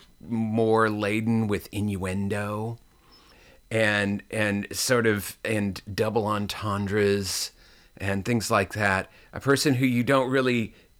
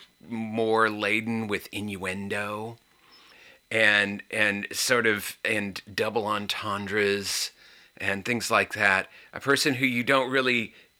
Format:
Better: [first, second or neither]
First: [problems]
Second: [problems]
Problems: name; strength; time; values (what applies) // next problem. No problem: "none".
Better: first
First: none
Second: thin; very slightly; fading below 550 Hz